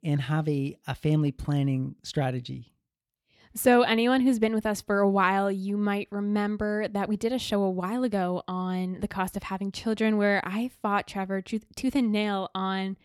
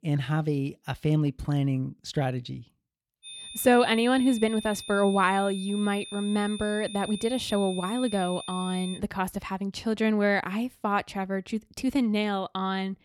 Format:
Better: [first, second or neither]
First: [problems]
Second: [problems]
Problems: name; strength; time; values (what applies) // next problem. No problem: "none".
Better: first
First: none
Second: high-pitched whine; noticeable; from 3.5 to 9 s; 3.5 kHz, 10 dB below the speech